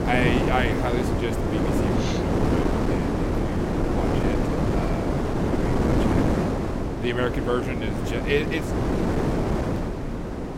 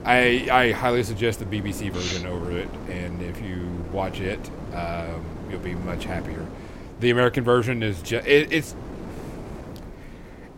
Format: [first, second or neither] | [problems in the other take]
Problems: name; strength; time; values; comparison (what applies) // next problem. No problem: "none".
second | wind noise on the microphone; heavy; 2 dB above the speech; occasional gusts in the second